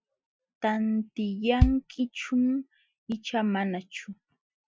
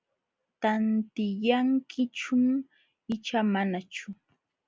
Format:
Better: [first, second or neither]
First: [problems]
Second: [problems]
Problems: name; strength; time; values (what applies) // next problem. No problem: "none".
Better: second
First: noise reduction (classical method Wiener filter)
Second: none